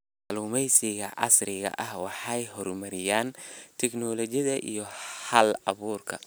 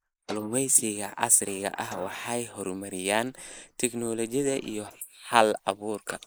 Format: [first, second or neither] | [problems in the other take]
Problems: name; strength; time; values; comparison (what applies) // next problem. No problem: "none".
first | noise reduction (neural mask model Resemble Enhance denoiser)